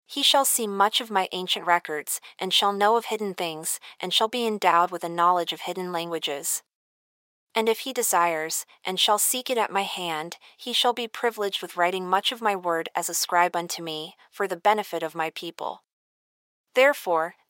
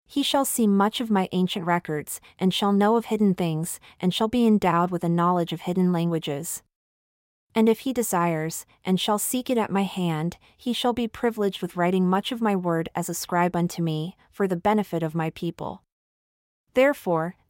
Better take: second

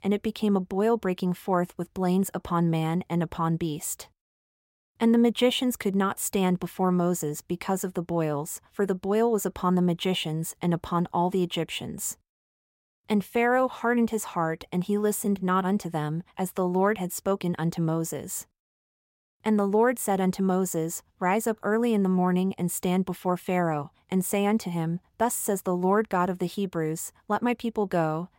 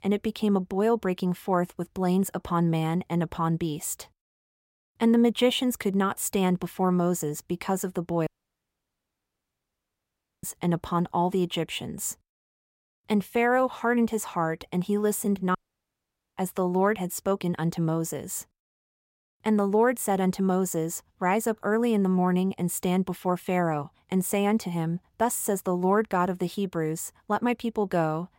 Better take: first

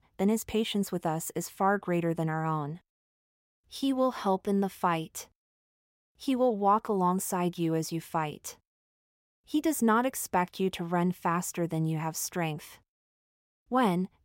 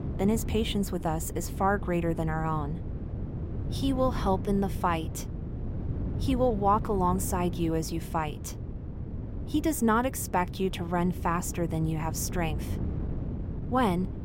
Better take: first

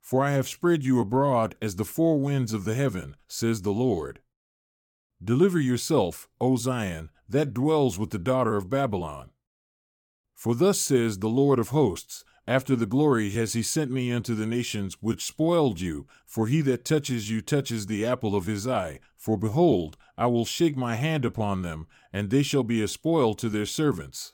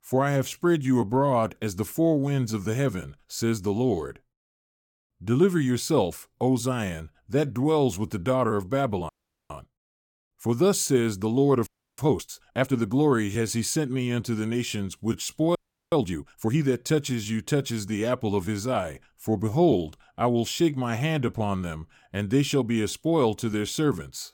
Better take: first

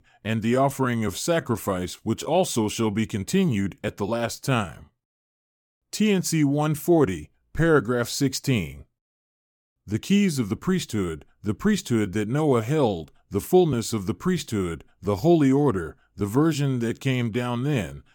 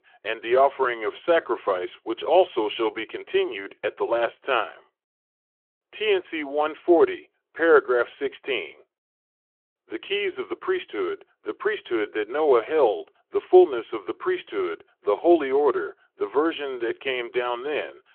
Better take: first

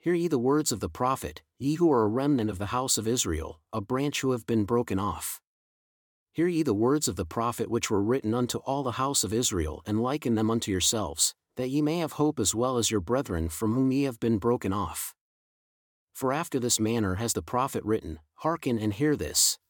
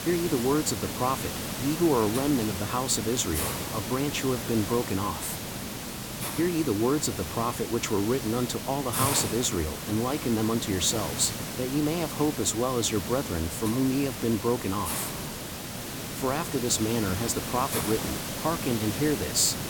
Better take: first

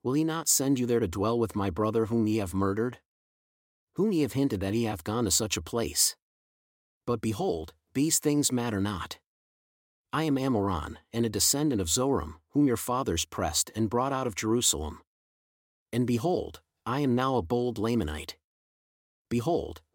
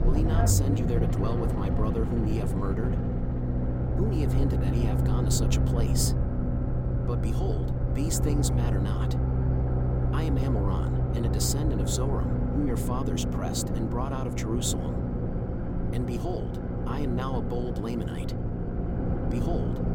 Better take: first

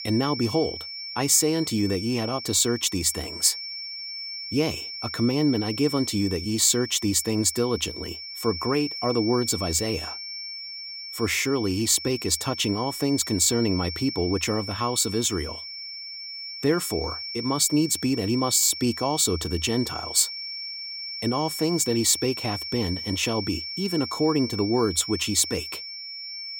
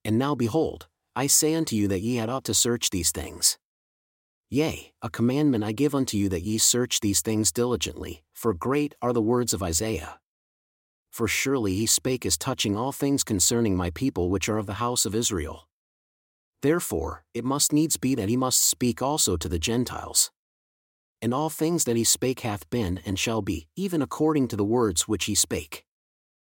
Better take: second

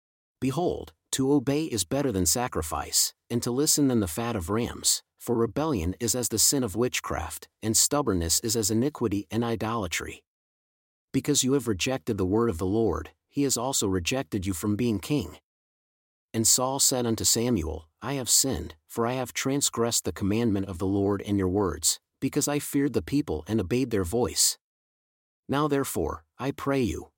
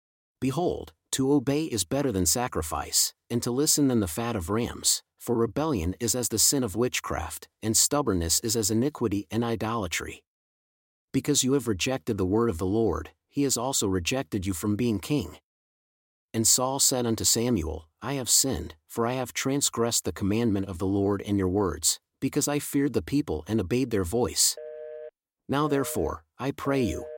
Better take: first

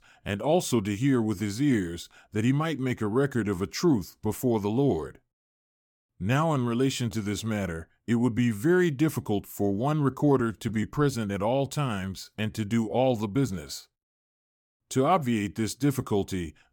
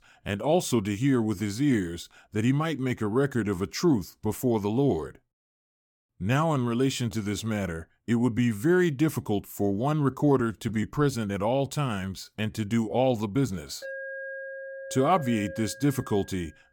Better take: first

